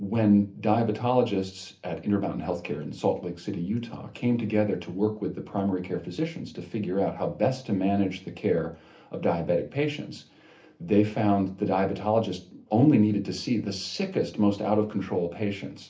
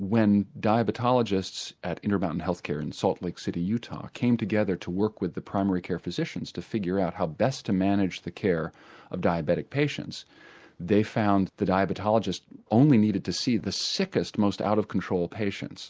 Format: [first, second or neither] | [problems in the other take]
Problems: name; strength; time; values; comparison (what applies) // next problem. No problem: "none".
second | room echo; dies away in 0.3 s